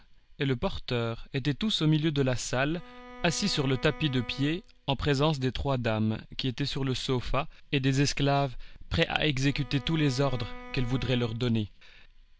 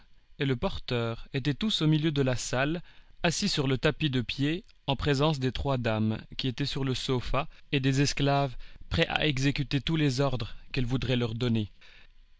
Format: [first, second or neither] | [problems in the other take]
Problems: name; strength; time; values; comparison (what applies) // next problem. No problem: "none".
second | background sound (Bowed string instrument); 19 dB below the speech